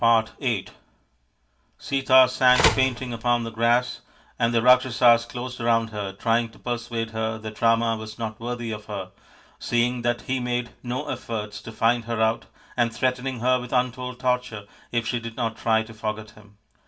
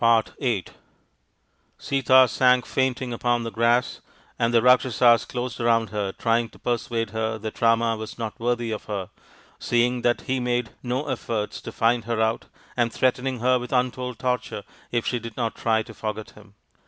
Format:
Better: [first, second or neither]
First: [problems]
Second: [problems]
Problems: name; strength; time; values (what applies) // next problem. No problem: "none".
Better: second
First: background sound (Telephone); 2 dB below the speech // room echo; dies away in 0.2 s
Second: none